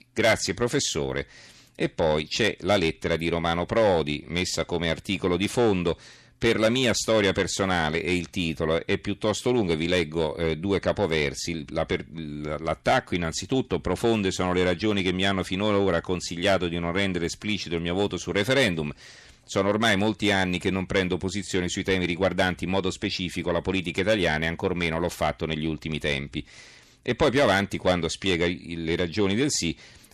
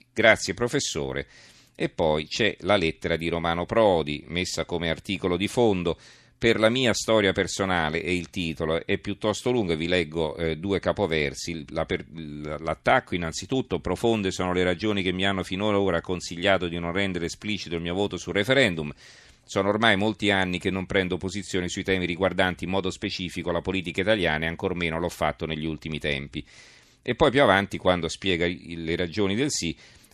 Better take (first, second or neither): second